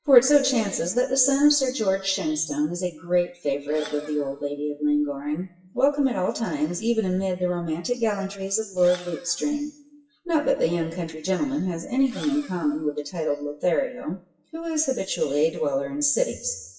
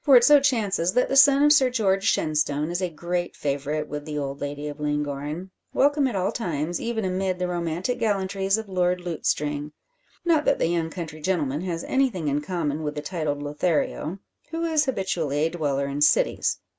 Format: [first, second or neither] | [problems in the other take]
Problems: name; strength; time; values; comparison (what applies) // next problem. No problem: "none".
second | noise reduction (classical method WPE with log-MMSE)